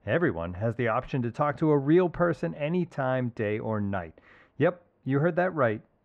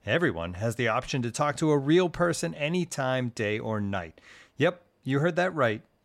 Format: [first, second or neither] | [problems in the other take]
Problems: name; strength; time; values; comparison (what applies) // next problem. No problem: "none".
second | muffled; very; fading above 4 kHz